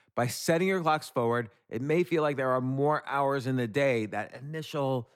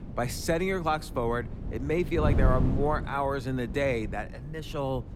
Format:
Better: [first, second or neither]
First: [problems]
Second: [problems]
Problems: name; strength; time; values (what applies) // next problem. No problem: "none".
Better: first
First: none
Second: wind noise on the microphone; occasional gusts; 15 dB below the speech